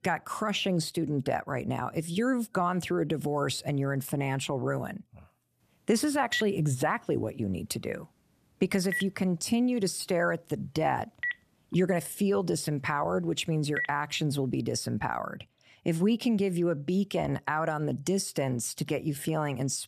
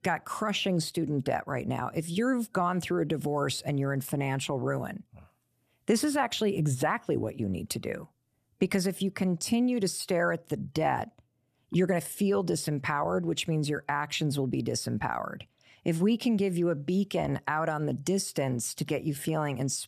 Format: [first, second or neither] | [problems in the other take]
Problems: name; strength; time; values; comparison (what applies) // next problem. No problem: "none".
second | phone ringing; noticeable; from 6.5 to 14 s; peak 4 dB below the speech